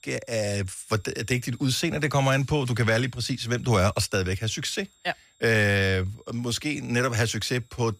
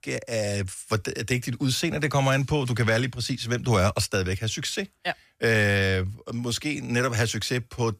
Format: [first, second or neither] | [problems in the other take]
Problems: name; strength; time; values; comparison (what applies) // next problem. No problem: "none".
second | high-pitched whine; faint; throughout; 7.5 kHz, 30 dB below the speech